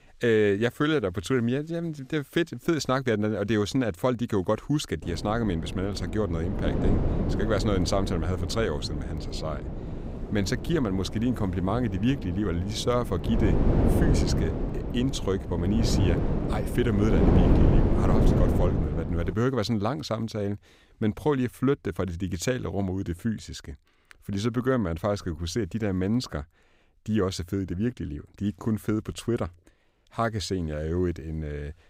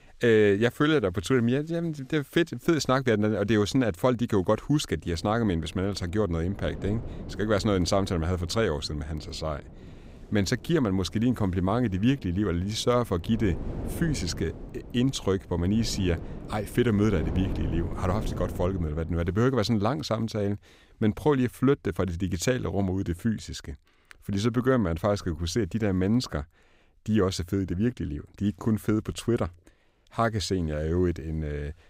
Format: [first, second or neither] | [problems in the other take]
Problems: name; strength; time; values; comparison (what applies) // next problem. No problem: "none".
second | wind noise on the microphone; heavy; from 5 to 19 s; 4 dB below the speech; occasional gusts in the second